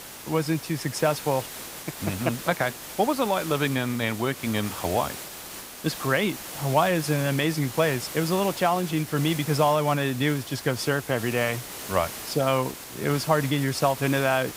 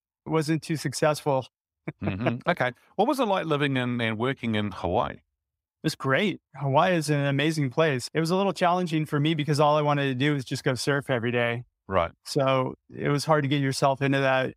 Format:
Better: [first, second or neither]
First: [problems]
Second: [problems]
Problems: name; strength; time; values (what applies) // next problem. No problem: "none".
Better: second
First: hiss; noticeable; throughout; 10 dB below the speech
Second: none